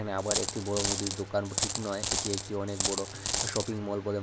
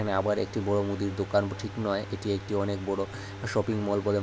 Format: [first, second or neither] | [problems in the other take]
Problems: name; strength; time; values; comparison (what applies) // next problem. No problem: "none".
second | background sound (Coin (dropping)); 1 dB above the speech